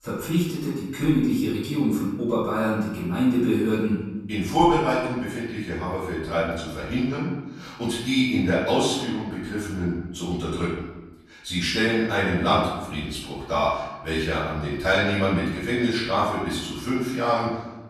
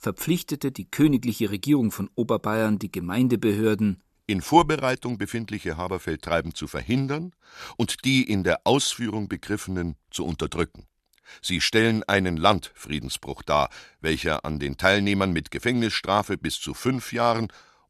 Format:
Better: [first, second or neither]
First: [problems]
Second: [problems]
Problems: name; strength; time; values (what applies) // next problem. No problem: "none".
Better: second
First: off-mic speech; far // room echo; noticeable; dies away in 0.9 s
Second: none